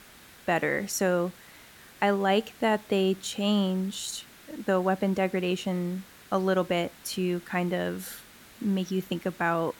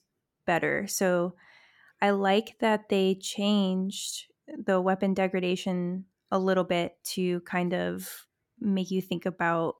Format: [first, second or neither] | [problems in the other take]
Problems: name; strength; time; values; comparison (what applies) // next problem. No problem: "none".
second | hiss; faint; throughout; 20 dB below the speech